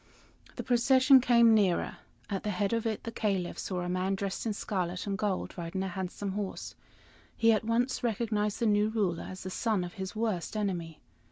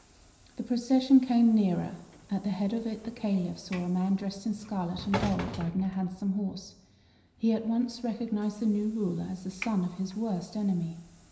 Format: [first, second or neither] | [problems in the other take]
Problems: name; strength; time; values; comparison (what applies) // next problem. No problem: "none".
first | background sound (Sliding door / Train); 15 dB below the speech // room echo; dies away in 0.9 s